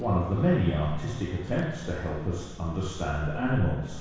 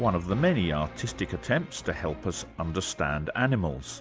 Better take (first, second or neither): second